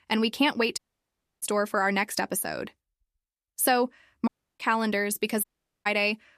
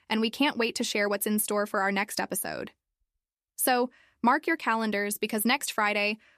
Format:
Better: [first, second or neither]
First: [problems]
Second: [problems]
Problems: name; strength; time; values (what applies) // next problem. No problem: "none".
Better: second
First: audio cutting out; at 1 s for 0.5 s, at 4.5 s and at 5.5 s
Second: none